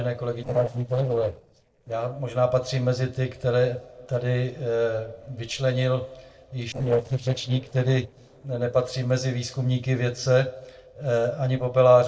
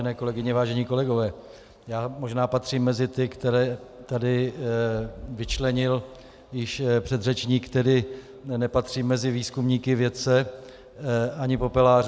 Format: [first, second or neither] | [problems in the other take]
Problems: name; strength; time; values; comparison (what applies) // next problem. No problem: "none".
second | noise reduction (neural separator model SepFormer DNS4)